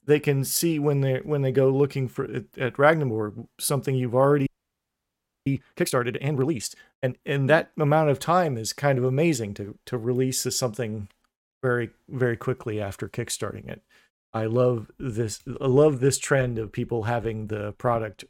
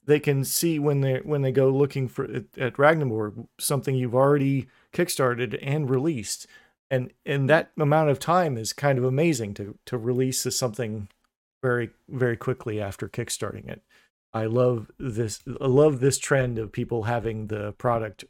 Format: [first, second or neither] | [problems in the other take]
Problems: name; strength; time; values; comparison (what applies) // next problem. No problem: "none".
second | audio freezing; at 4.5 s for 1 s